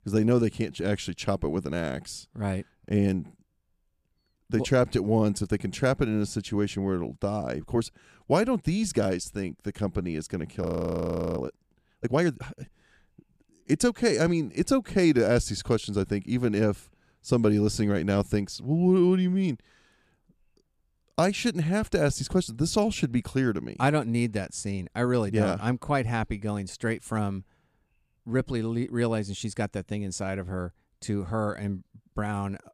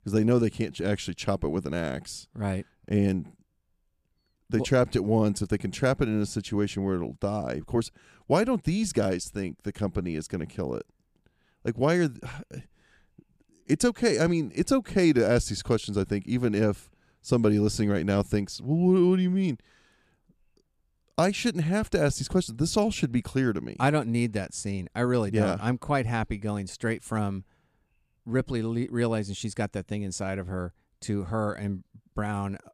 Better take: second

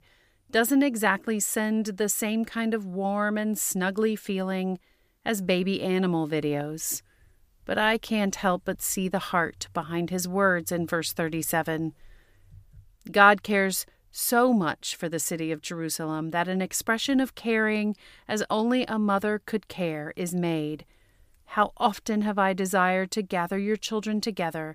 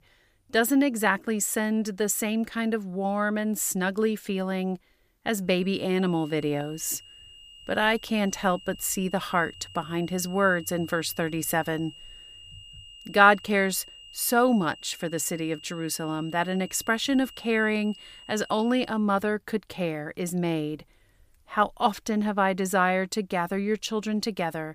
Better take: first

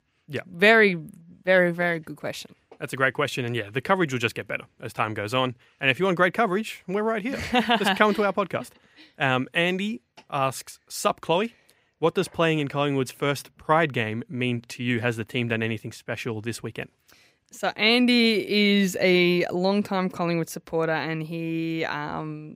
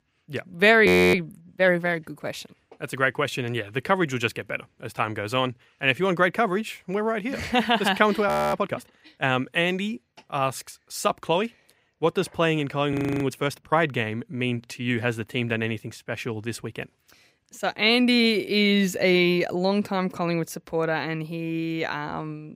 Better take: first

